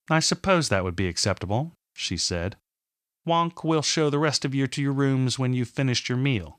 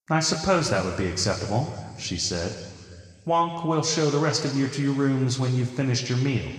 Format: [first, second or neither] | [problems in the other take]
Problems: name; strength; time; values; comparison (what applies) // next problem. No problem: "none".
first | room echo; slight; dies away in 2 s